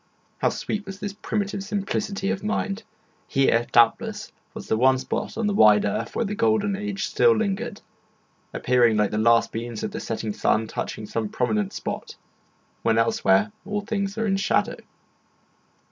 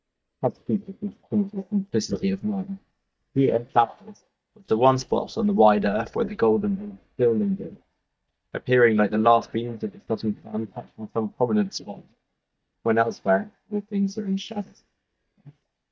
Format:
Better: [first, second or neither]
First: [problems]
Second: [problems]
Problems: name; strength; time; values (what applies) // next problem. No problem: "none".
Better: first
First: none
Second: noise reduction (neural mask model DeepFilterNet 3)